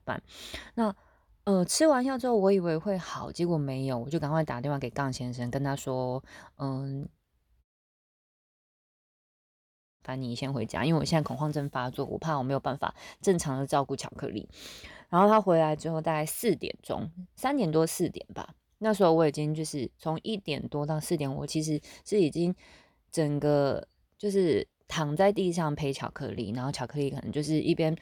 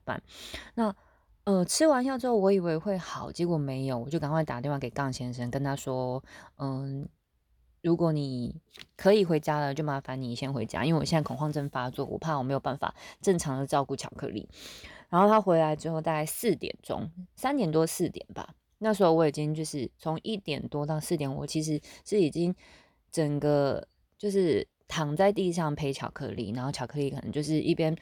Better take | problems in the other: second | audio cutting out; at 7.5 s for 2.5 s

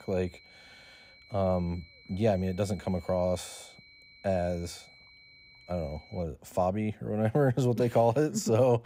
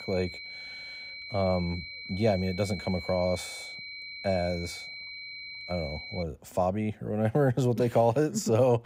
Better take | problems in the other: first | high-pitched whine; loud; until 6 s; 2.5 kHz, 10 dB below the speech; faint in the first

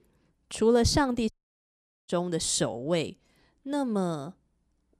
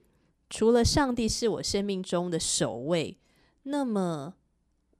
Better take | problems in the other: second | audio cutting out; at 1.5 s for 1 s

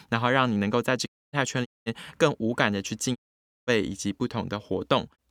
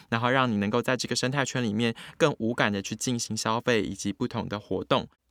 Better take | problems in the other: second | audio cutting out; at 1 s, at 1.5 s and at 3 s for 0.5 s

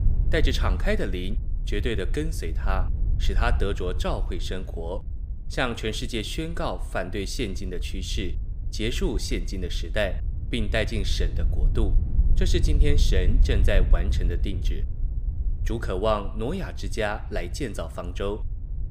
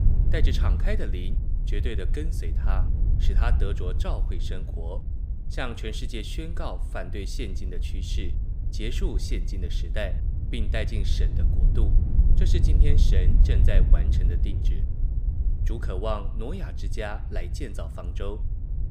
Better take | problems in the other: first | wind noise on the microphone; heavy; 8 dB below the speech; occasional gusts in the first

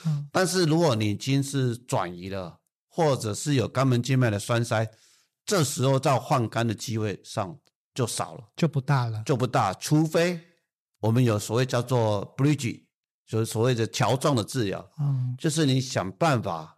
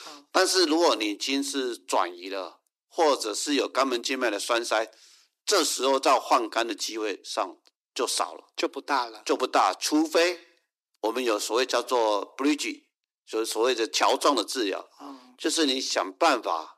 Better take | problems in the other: first | thin; somewhat; fading below 300 Hz

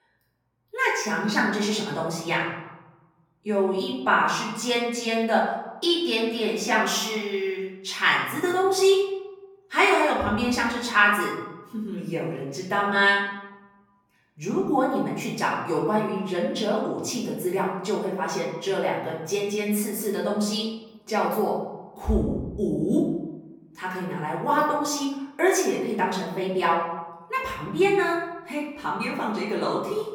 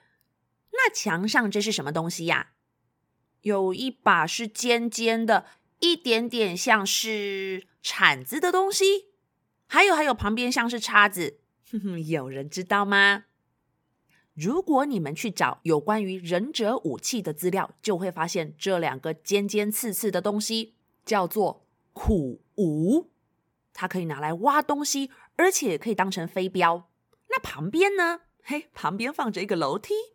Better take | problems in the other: second | off-mic speech; far // room echo; noticeable; dies away in 0.9 s

